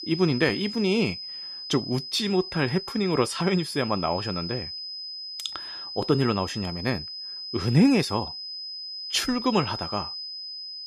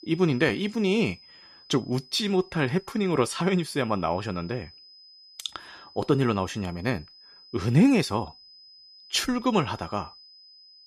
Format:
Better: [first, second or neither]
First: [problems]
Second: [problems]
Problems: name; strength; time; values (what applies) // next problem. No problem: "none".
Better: second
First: high-pitched whine; loud; throughout; 5 kHz, 8 dB below the speech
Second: high-pitched whine; faint; throughout; 5 kHz, 25 dB below the speech